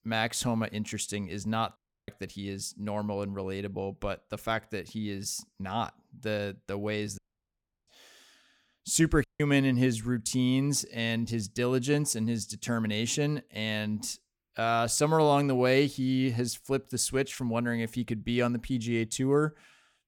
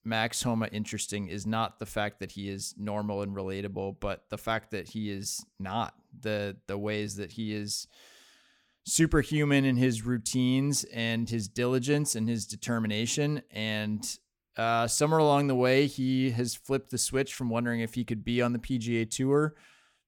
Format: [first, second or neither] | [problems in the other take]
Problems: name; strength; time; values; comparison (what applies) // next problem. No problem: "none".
second | audio cutting out; at 2 s, at 7 s for 0.5 s and at 9 s